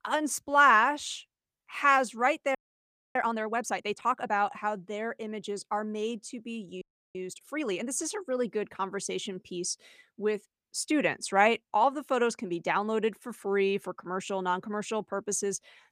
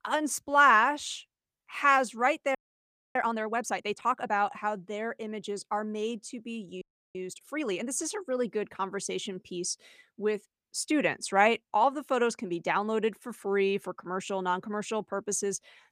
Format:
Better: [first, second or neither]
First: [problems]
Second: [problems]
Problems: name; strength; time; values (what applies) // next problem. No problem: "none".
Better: neither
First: audio freezing; at 2.5 s for 0.5 s and at 7 s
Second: audio freezing; at 2.5 s for 0.5 s and at 7 s